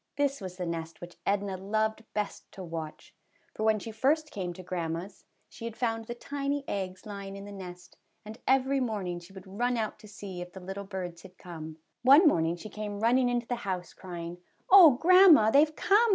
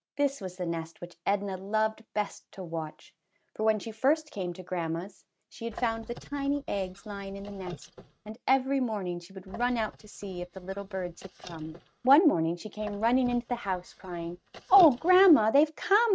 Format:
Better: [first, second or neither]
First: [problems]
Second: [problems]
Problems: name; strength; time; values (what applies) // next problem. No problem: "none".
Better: first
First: none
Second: noise reduction (neural mask model RNNoise)